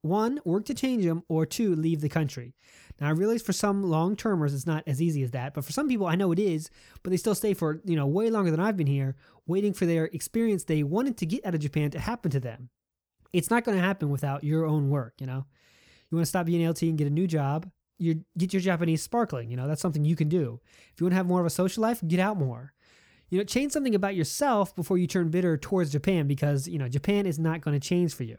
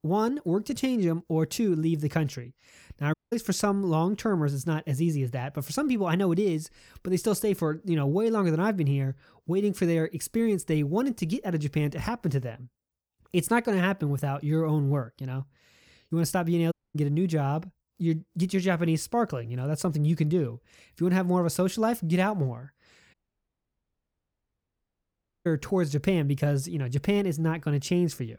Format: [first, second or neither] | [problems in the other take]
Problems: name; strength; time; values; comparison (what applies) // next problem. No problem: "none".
first | audio cutting out; at 3 s, at 17 s and at 23 s for 2.5 s